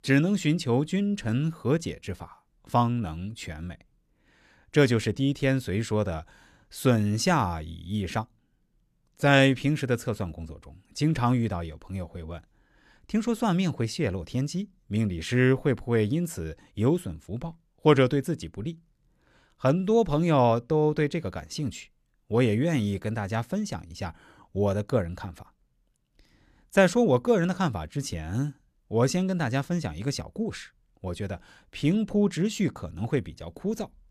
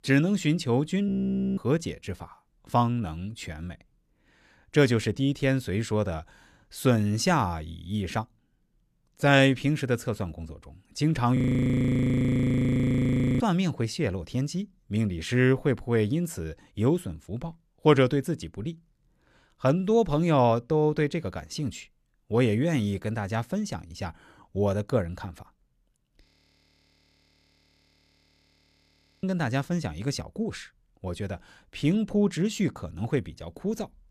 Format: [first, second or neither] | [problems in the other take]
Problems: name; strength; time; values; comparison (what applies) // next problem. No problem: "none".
first | audio freezing; at 1 s, at 11 s for 2 s and at 26 s for 3 s